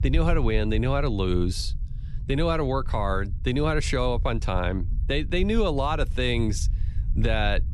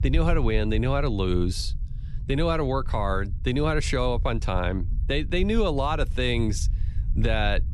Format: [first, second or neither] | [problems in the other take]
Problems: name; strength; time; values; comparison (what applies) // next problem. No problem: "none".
neither | low rumble; faint; throughout; 20 dB below the speech; the same in both